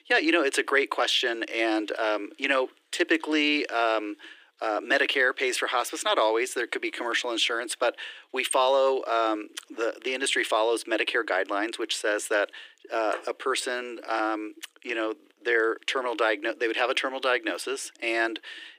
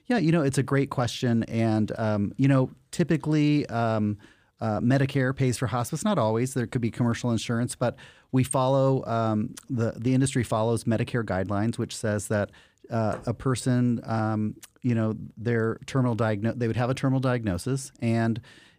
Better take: second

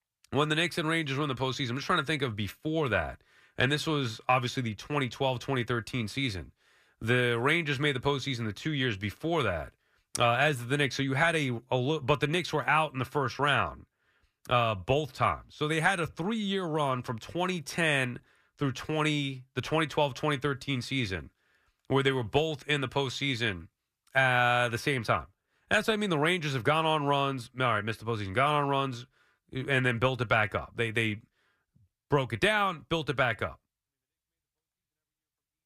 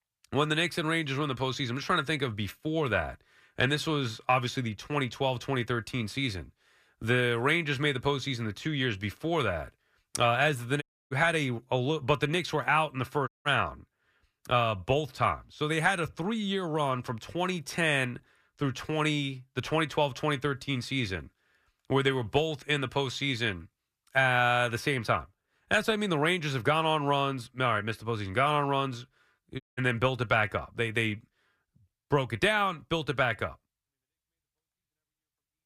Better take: first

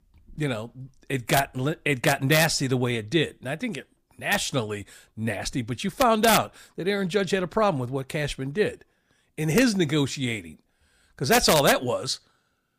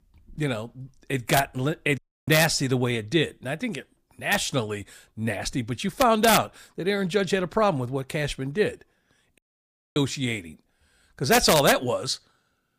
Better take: first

